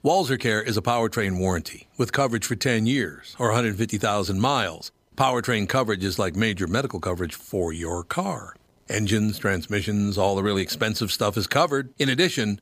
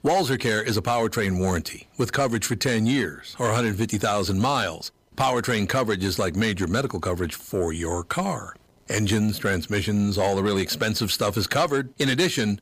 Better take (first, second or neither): first